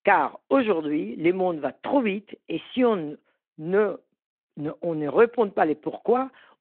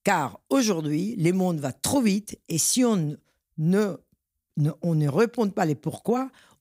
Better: second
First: phone-call audio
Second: none

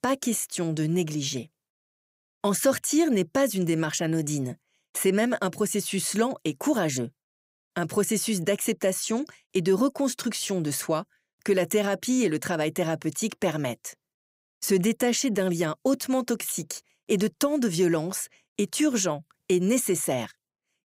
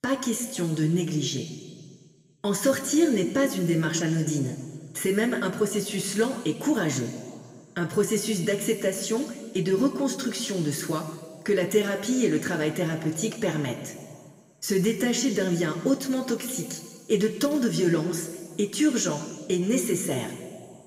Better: first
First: none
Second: room echo; slight; dies away in 1.7 s // off-mic speech; somewhat distant

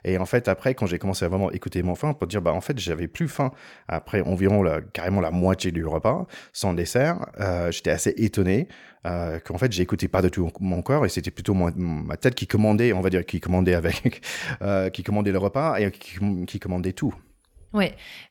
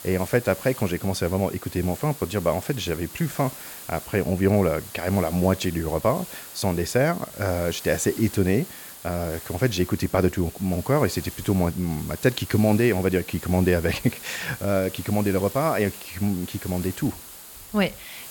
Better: first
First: none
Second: hiss; noticeable; throughout; 15 dB below the speech

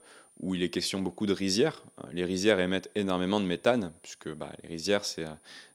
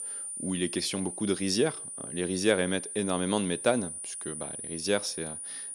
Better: first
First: high-pitched whine; faint; throughout; 9.5 kHz, 30 dB below the speech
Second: high-pitched whine; loud; throughout; 9.5 kHz, 6 dB below the speech

